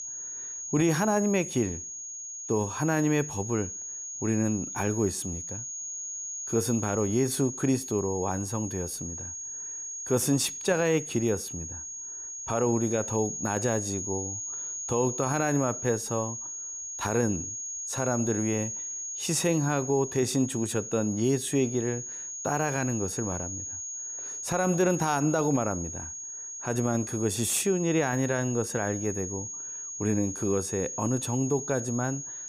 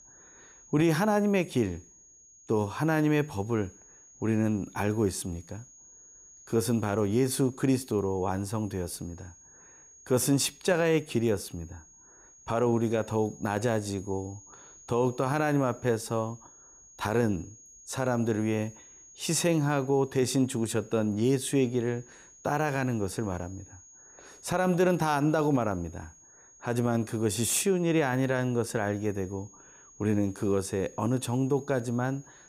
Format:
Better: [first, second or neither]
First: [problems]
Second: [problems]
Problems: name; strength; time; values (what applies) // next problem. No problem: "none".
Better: second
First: high-pitched whine; loud; throughout; 6.5 kHz, 6 dB below the speech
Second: high-pitched whine; faint; throughout; 6.5 kHz, 25 dB below the speech